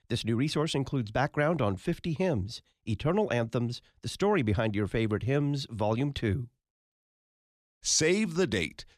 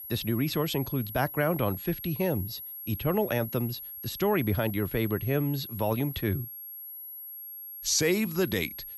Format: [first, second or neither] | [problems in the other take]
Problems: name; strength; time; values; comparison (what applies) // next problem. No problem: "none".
first | high-pitched whine; loud; throughout; 11.5 kHz, 9 dB below the speech